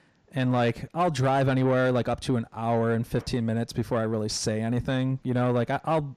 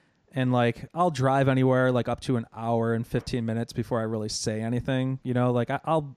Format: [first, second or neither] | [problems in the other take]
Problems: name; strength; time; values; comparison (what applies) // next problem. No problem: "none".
second | distortion; slight; 10 dB below the speech